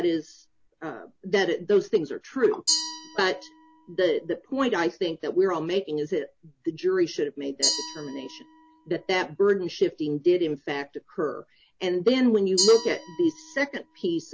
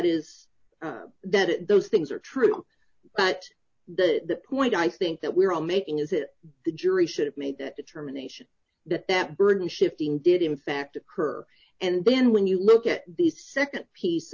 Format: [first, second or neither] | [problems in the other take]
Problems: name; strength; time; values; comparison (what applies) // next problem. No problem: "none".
second | background sound (Glass); 10 dB below the speech